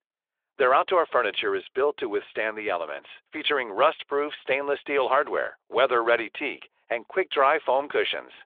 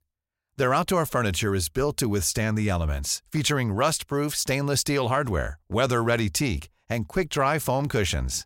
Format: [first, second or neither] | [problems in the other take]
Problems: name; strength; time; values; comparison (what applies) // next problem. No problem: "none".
second | phone-call audio; nothing above 3.5 kHz